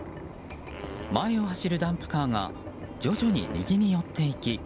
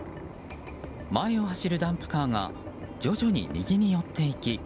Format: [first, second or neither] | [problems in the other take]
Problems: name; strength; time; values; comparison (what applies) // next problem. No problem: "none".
second | background sound (Fart); 17 dB below the speech